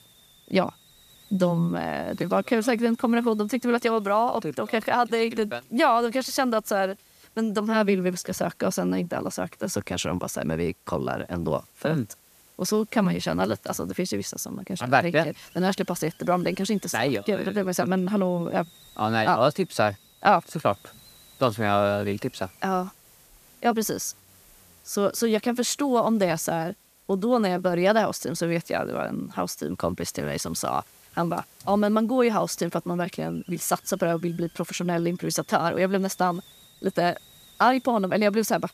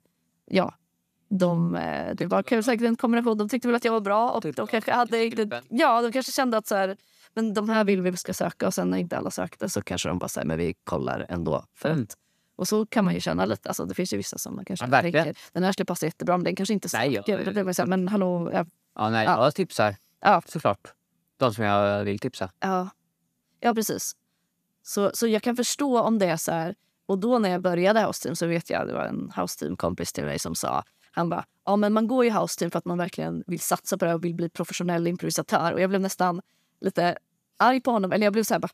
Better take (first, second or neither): second